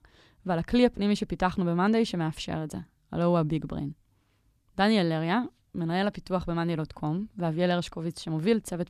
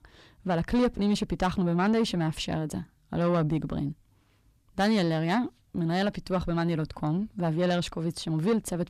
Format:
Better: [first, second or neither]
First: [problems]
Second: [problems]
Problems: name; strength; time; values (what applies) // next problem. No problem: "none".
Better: first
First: none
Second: distortion; slight; 10 dB below the speech